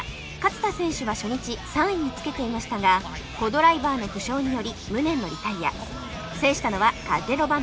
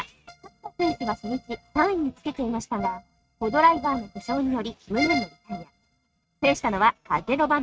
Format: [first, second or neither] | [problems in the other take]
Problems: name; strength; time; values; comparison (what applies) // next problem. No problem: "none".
first | noise reduction (neural mask model RNNoise)